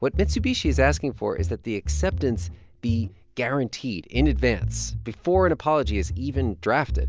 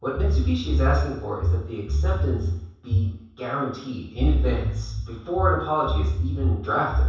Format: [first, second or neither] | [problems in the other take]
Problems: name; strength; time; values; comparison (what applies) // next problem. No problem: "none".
first | room echo; dies away in 0.7 s